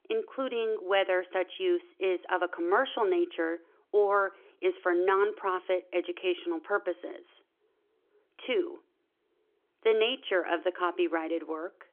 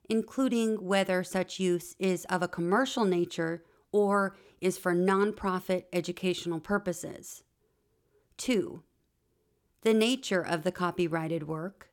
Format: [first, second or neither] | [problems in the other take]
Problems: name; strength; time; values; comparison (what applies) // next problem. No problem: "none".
second | phone-call audio; nothing above 3.5 kHz